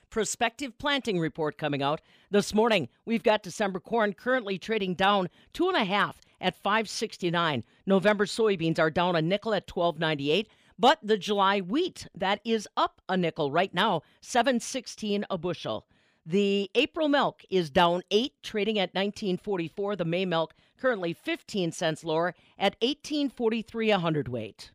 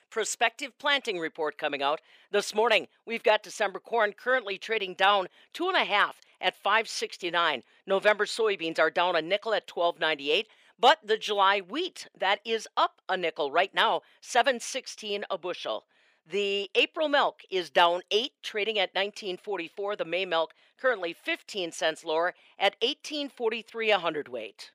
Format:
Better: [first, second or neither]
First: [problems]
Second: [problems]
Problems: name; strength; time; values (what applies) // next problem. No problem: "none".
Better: first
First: none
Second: thin; somewhat; fading below 500 Hz